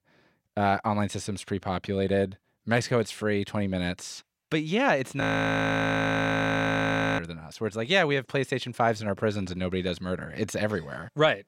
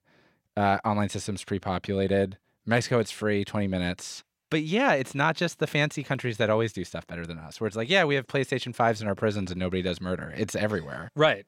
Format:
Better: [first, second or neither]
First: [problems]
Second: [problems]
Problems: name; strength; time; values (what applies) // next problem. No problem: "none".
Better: second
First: audio freezing; at 5 s for 2 s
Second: none